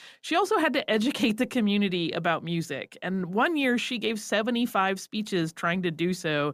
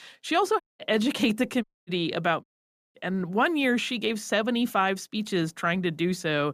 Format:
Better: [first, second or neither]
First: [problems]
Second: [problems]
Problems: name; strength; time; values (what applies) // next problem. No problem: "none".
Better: first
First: none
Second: audio cutting out; at 0.5 s, at 1.5 s and at 2.5 s for 0.5 s